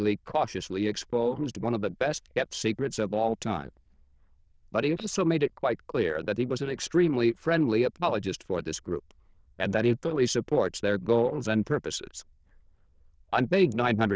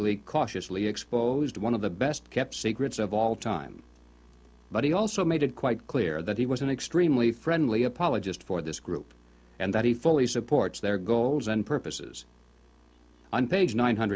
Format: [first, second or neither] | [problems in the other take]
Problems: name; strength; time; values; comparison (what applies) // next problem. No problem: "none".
second | noise reduction (neural diffusion model UNIVERSE++)